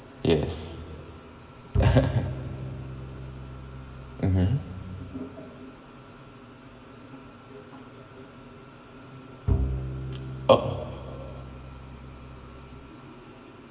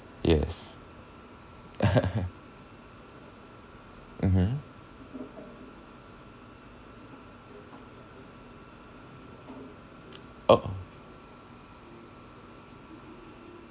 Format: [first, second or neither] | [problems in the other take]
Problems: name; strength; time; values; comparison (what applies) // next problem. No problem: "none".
second | background sound (Bowed string instrument); 2 dB below the speech // room echo; dies away in 2.3 s